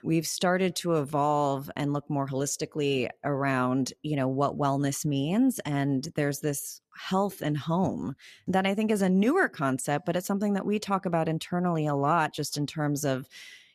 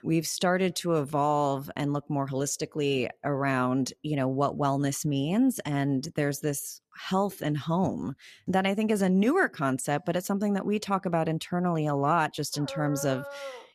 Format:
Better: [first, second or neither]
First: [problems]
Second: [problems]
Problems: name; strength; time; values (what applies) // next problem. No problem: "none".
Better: first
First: none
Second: dog barking; noticeable; from 13 s on; peak 9 dB below the speech